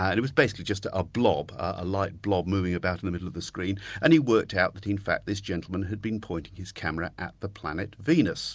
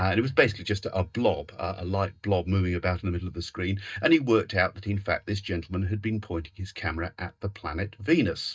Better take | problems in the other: first | noise reduction (neural mask model DeepFilterNet 3)

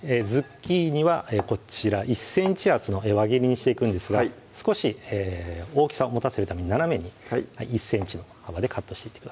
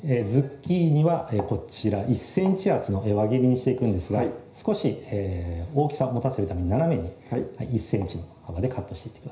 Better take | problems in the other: first | room echo; dies away in 0.5 s

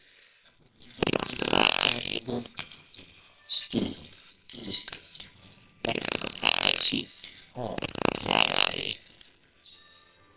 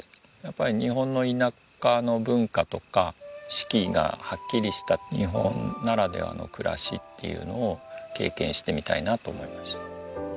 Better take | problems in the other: second | noise reduction (neural separator model SepFormer WHAMR!)

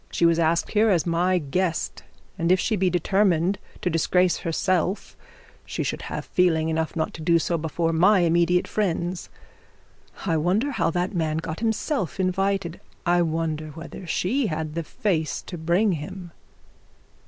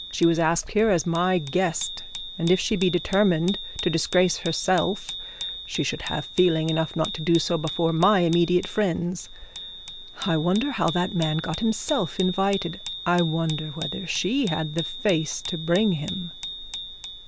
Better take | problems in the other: first | background sound (Bicycle bell); 11 dB below the speech

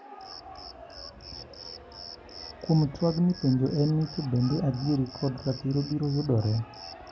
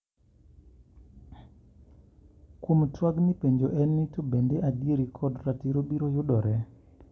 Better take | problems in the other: second | background sound (Cricket); 16 dB below the speech

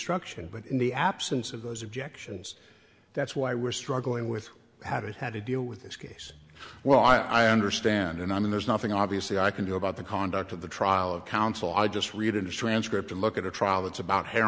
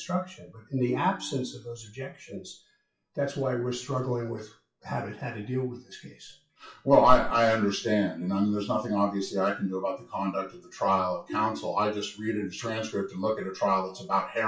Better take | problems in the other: first | noise reduction (classical method WPE with log-MMSE)

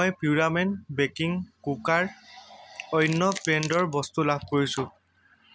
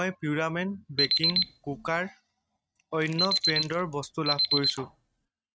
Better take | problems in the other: first | noise reduction (neural mask model RNNoise)

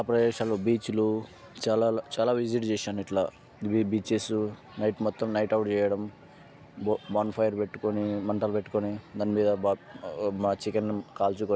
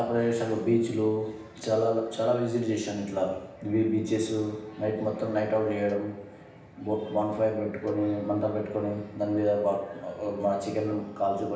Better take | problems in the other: first | background sound (Cowbell); 18 dB below the speech // room echo; dies away in 0.9 s

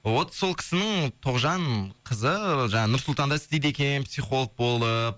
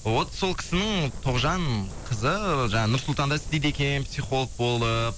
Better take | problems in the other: first | background sound (Wind); 9 dB below the speech

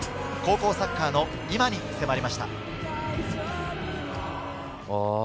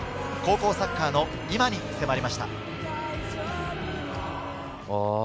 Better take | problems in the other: second | background sound (Hi-hat + Whoosh, swoosh, swish); 13 dB below the speech

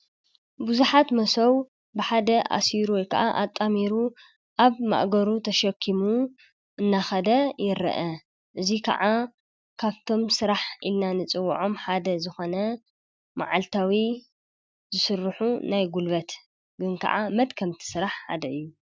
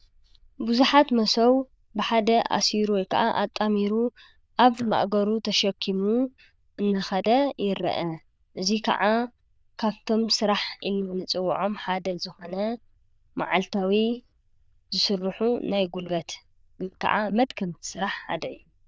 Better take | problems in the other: first | noise reduction (neural diffusion model UNIVERSE++)

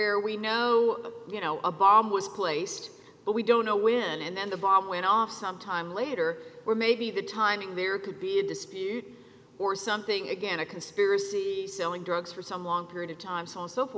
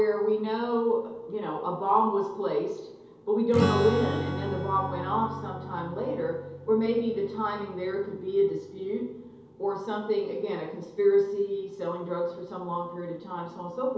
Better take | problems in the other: first | background sound (Strum); 10 dB below the speech // room echo; dies away in 0.8 s

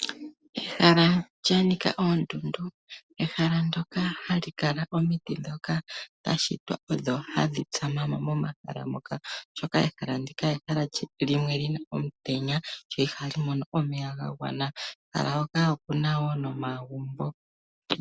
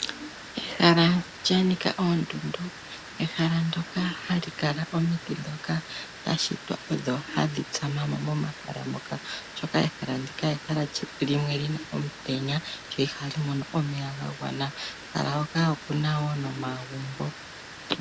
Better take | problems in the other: first | background sound (Water); 14 dB below the speech

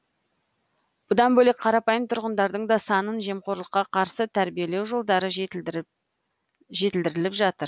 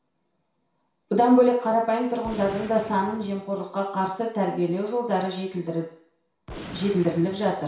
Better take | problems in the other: first | background sound (Gunshot, gunfire); 20 dB below the speech // room echo; dies away in 0.6 s

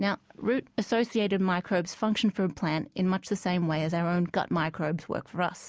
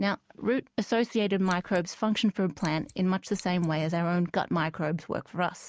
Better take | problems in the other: first | noise reduction (neural mask model RNNoise)

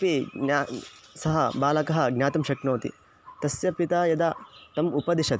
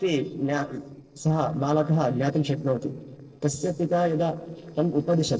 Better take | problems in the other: first | noise reduction (neural separator model SepFormer DNS4)

